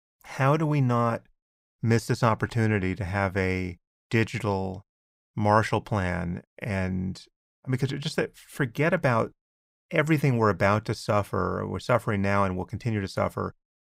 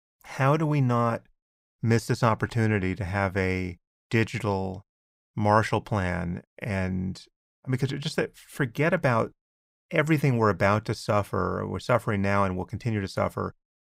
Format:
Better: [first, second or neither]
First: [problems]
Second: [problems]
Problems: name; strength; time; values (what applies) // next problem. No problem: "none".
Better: neither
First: none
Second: none